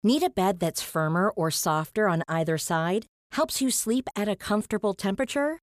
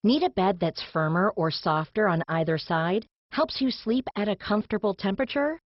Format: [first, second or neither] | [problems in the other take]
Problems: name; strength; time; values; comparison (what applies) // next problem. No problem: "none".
first | garbled, watery; badly; nothing above 5.5 kHz